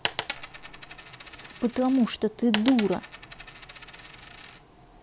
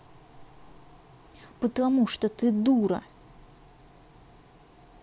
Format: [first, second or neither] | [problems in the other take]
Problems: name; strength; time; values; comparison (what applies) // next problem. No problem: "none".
second | background sound (Coin (dropping)); 10 dB below the speech